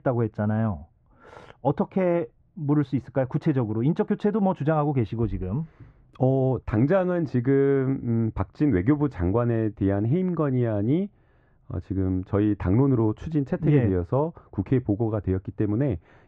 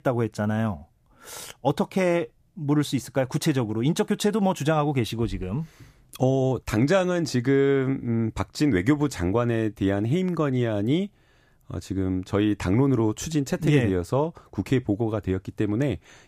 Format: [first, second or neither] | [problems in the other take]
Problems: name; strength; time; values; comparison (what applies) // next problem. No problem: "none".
second | muffled; very; fading above 1.5 kHz